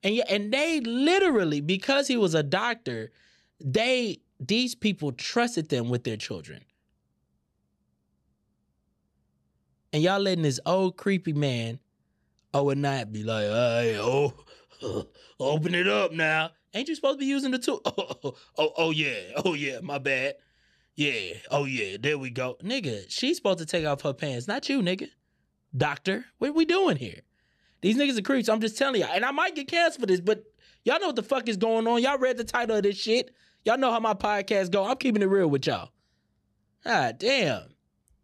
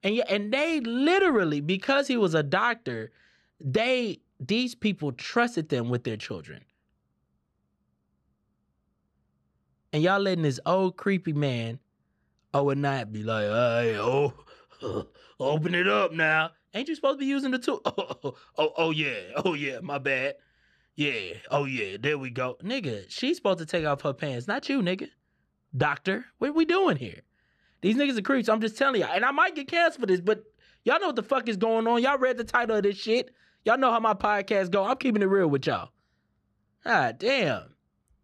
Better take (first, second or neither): first